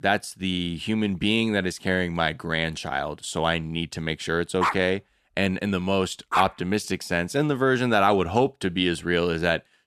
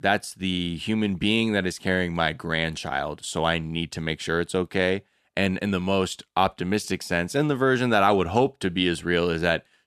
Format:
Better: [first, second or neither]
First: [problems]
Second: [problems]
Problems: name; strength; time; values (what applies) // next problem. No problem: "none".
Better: second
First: dog barking; noticeable; from 4.5 to 6.5 s; peak 2 dB below the speech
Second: none